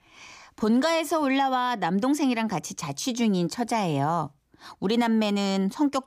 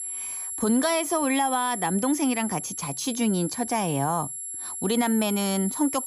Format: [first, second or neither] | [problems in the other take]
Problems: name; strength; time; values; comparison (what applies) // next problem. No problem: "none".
first | high-pitched whine; loud; throughout; 11 kHz, 5 dB below the speech